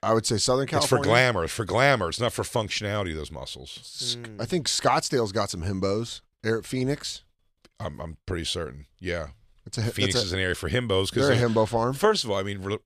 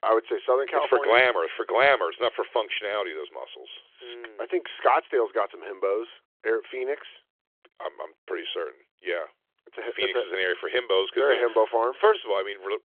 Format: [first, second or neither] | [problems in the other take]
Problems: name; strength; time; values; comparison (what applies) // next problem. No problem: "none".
first | phone-call audio